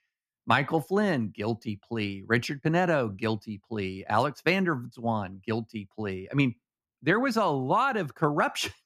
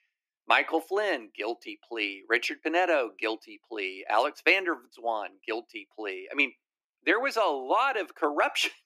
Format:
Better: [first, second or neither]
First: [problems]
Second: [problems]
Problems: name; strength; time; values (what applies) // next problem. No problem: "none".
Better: first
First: none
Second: thin; very; fading below 300 Hz